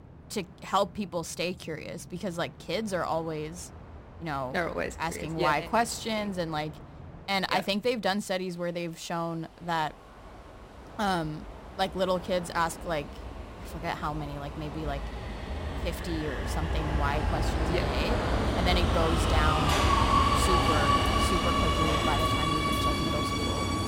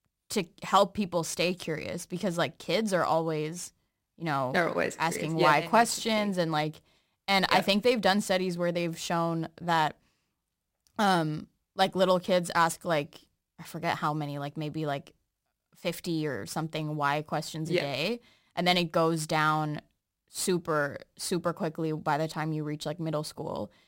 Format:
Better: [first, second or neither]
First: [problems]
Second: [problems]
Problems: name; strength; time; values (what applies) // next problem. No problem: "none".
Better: second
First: train or aircraft noise; very loud; throughout; 4 dB above the speech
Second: none